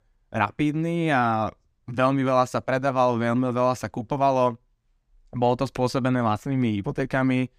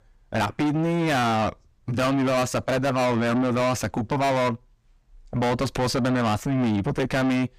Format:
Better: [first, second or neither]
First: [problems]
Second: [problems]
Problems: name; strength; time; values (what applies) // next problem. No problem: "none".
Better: first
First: none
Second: distortion; heavy; 5 dB below the speech